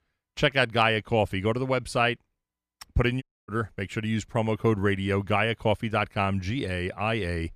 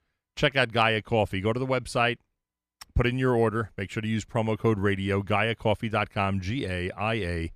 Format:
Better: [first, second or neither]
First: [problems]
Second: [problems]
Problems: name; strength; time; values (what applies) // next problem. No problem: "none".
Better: second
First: audio cutting out; at 3 s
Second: none